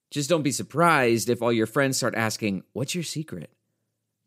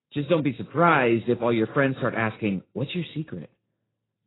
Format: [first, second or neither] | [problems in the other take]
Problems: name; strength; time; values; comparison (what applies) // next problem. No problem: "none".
first | garbled, watery; badly; nothing above 4 kHz